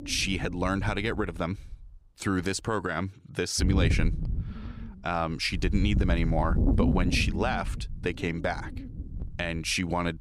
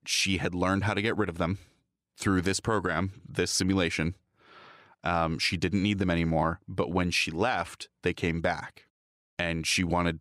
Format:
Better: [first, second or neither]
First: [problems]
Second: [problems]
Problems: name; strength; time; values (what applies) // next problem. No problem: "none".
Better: second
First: wind noise on the microphone; occasional gusts; 10 dB below the speech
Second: none